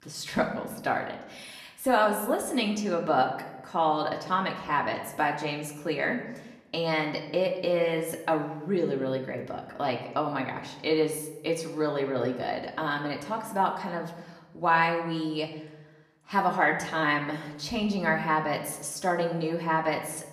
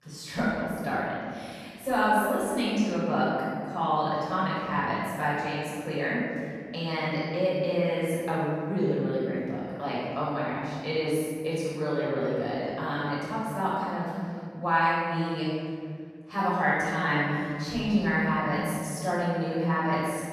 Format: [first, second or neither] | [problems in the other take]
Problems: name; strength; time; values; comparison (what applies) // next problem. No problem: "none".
first | room echo; strong; dies away in 2.4 s; slight in the first // off-mic speech; far; somewhat distant in the first